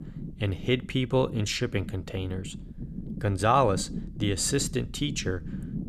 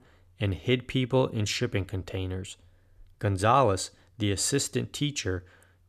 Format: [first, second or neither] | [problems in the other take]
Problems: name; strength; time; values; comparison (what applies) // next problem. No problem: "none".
second | low rumble; noticeable; throughout; 20 dB below the speech